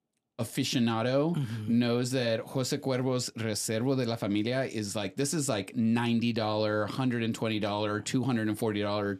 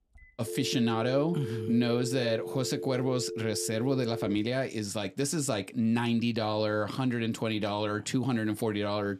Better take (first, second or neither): first